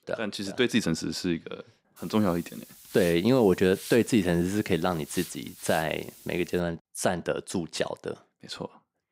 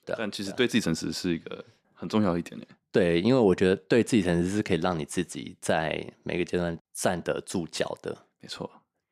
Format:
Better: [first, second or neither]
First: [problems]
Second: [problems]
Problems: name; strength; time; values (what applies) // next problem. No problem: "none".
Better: second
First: hiss; noticeable; from 2 to 6.5 s; 15 dB below the speech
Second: none